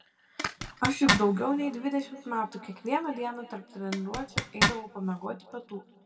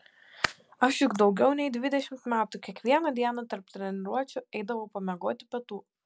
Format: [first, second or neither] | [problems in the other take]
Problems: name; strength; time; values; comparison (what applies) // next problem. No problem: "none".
second | background sound (Zipper (clothing)); 1 dB above the speech // room echo; dies away in 1.4 s